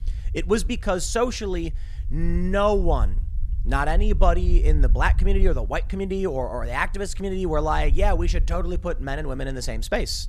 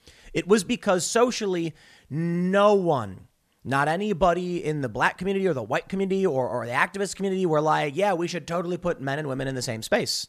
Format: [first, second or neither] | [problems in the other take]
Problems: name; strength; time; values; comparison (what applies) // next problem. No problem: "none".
second | low rumble; faint; throughout; 25 dB below the speech